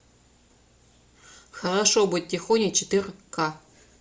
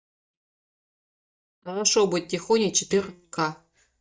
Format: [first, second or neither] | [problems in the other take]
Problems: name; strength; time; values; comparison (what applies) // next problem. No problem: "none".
first | noise reduction (neural mask model DeepFilterNet 3)